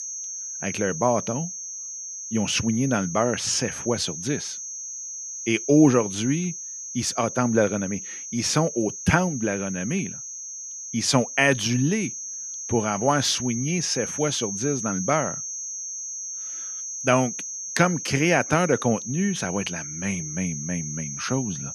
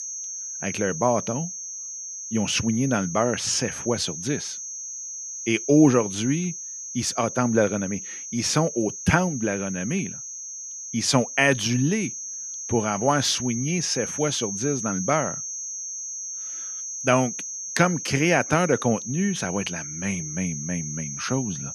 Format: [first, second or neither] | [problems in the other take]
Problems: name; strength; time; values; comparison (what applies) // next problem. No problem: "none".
neither | high-pitched whine; loud; throughout; 6.5 kHz, 7 dB below the speech; the same in both